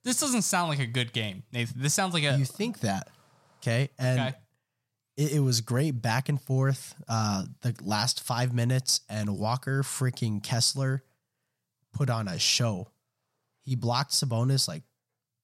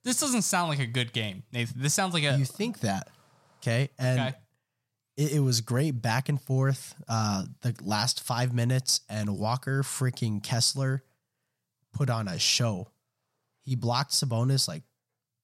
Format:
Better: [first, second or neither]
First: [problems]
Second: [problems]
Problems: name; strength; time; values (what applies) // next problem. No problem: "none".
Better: neither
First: none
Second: none